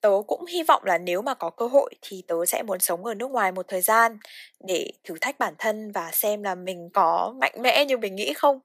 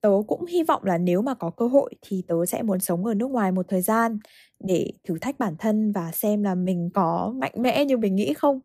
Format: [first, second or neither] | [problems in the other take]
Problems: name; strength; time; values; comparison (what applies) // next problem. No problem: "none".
second | thin; very; fading below 650 Hz